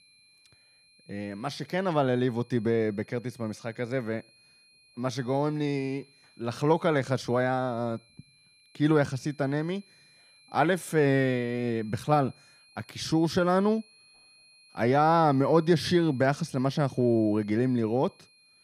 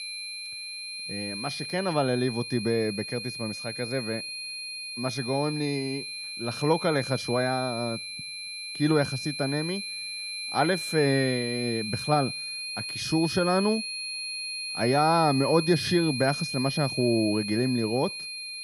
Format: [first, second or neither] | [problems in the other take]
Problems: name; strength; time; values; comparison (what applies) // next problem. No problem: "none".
first | high-pitched whine; loud; throughout; 4 kHz, 5 dB below the speech; faint in the first